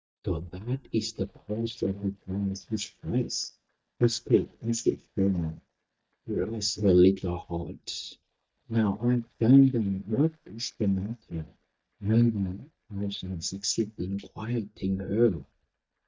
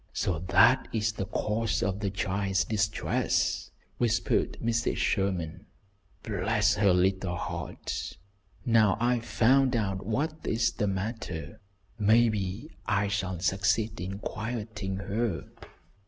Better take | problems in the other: second | noise reduction (neural mask model DeepFilterNet 3)

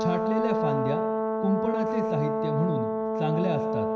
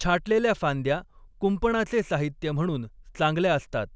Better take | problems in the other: second | background sound (Brass instrument); 3 dB above the speech // room echo; dies away in 0.8 s

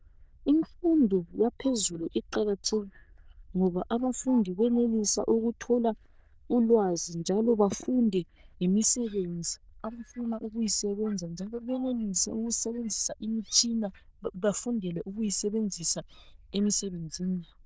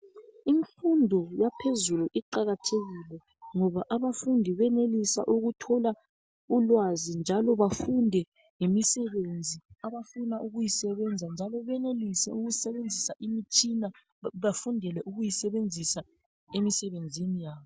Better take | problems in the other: second | noise reduction (neural diffusion model UNIVERSE++)

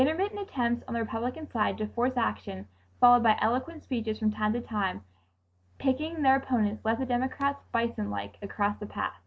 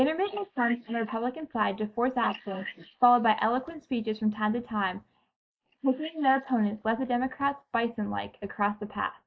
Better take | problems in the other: first | noise reduction (neural mask model Resemble Enhance denoiser)

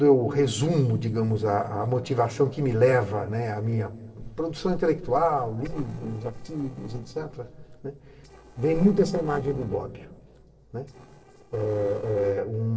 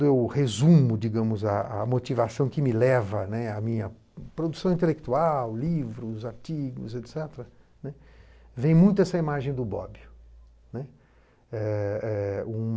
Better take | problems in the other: second | noise reduction (neural separator model SepFormer DNS4)

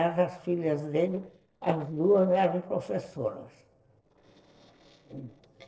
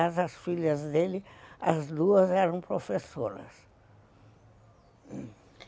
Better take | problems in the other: second | noise reduction (neural separator model SepFormer DNS4)

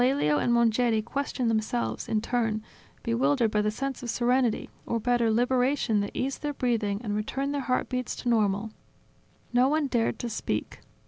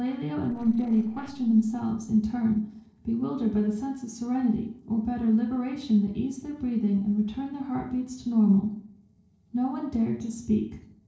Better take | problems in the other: first | noise reduction (neural separator model SepFormer DNS4)

